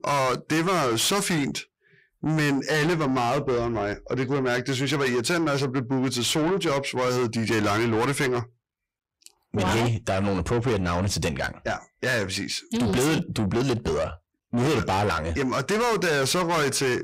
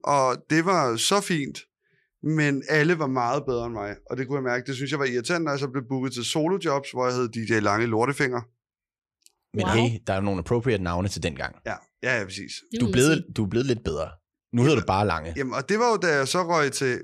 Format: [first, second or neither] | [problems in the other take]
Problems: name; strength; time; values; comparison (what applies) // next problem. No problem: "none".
second | distortion; heavy; 6 dB below the speech